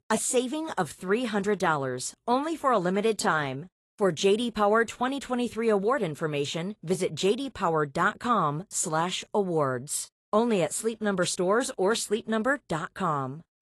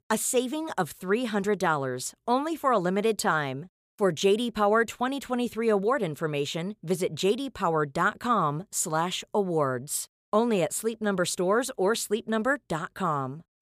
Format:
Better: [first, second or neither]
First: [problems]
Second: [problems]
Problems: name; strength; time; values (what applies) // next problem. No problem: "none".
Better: second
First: garbled, watery; slightly; nothing above 11.5 kHz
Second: none